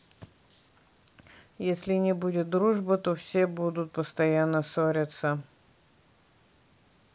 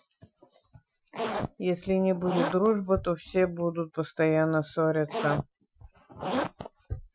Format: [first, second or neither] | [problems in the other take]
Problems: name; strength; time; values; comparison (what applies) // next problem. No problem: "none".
first | noise reduction (classical method Wiener filter)